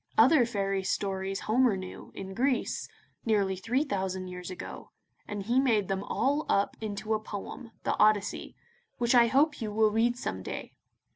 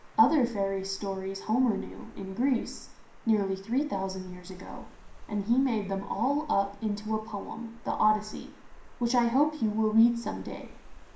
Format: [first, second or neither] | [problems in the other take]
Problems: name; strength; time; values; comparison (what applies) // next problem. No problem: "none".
first | background sound (Water); 18 dB below the speech // room echo; dies away in 0.5 s